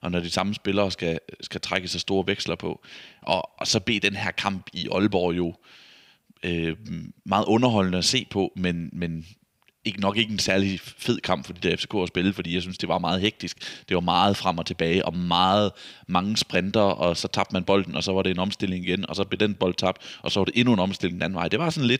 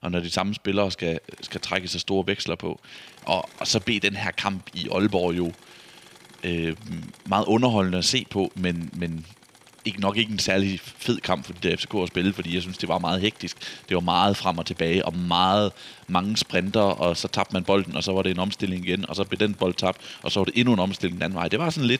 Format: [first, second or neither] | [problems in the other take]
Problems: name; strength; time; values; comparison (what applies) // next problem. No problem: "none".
first | machinery noise; faint; throughout; 25 dB below the speech